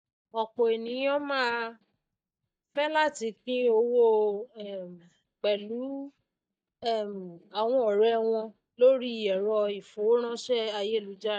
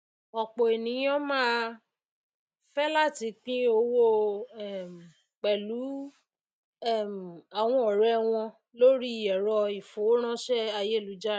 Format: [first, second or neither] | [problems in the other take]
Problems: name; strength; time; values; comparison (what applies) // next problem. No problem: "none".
second | noise reduction (neural mask model DeepFilterNet 3)